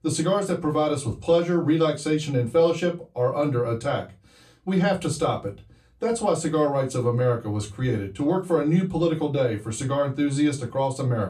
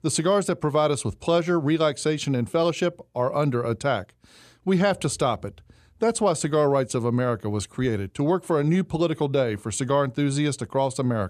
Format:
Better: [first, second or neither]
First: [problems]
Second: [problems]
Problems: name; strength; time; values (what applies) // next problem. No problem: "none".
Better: second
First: off-mic speech; far // room echo; very slight; dies away in 0.2 s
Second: none